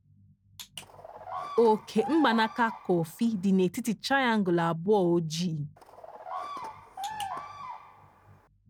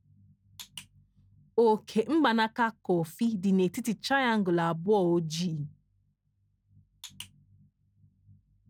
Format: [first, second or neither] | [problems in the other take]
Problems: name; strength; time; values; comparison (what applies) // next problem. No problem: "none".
second | background sound (Bird vocalization, bird call, bird song); 11 dB below the speech